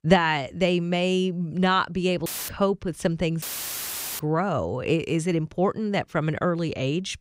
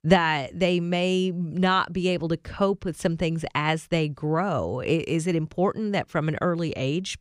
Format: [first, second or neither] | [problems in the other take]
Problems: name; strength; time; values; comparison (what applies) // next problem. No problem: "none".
second | audio cutting out; filled with static; at 2.5 s and at 3.5 s for 1 s